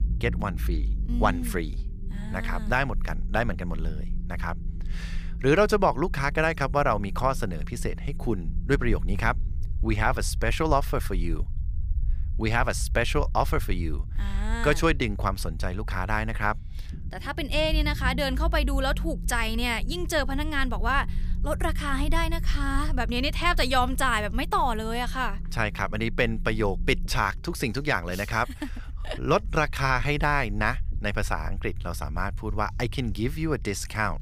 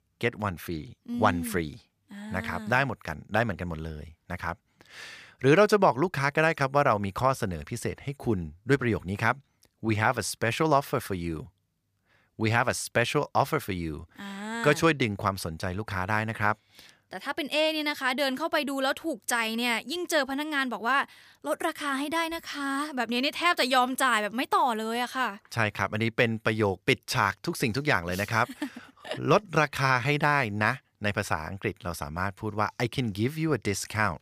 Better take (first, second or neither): second